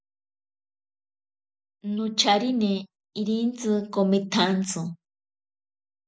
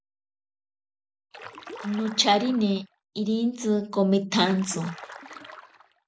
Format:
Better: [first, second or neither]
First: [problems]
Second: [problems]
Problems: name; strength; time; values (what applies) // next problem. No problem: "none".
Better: first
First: none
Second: background sound (Stream); 16 dB below the speech